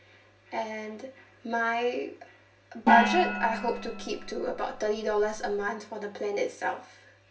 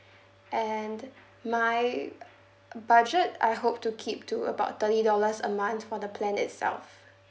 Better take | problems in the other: second | background sound (Gong); as loud as the speech // room echo; dies away in 0.2 s

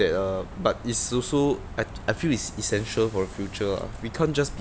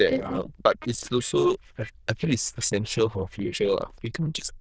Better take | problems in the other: first | noise reduction (neural diffusion model UNIVERSE++)

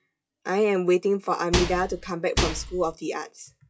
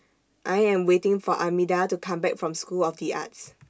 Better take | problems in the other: second | noise reduction (classical method log-MMSE)

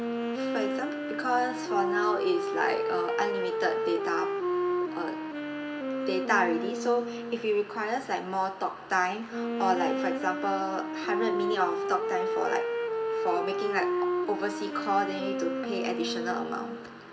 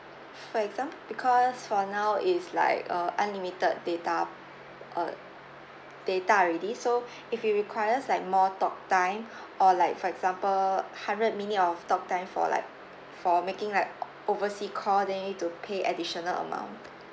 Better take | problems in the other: second | background sound (Wind instrument, woodwind instrument); 1 dB below the speech // room echo; dies away in 1.3 s

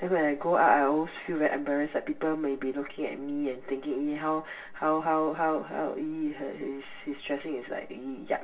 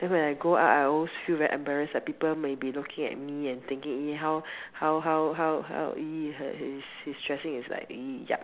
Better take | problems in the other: second | room echo; dies away in 0.2 s

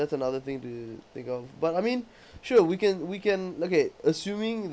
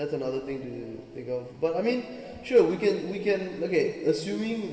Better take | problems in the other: first | room echo; dies away in 2.5 s

